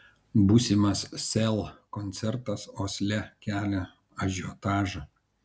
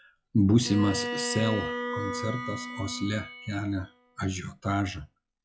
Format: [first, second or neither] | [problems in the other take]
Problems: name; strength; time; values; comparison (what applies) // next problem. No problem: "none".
first | noise reduction (classical method log-MMSE)